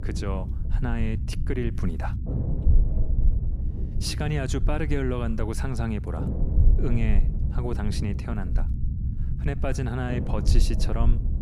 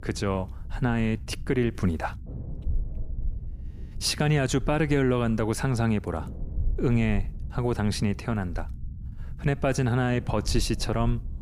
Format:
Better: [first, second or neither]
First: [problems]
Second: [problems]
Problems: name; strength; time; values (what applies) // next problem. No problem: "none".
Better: second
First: low rumble; loud; throughout; 8 dB below the speech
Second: low rumble; faint; throughout; 25 dB below the speech